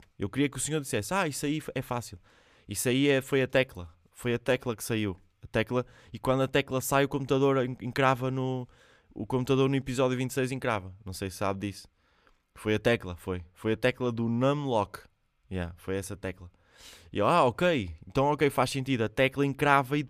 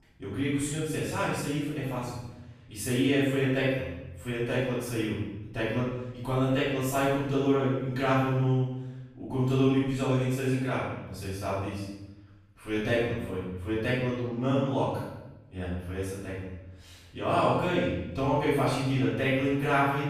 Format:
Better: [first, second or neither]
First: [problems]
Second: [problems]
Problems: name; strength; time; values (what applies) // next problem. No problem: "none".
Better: first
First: none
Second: room echo; strong; dies away in 1 s // off-mic speech; far